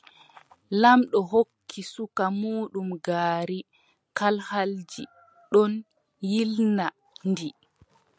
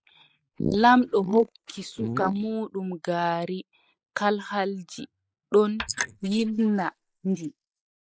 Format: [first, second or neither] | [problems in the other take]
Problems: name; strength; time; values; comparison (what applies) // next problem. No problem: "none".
first | noise reduction (neural mask model Resemble Enhance denoiser)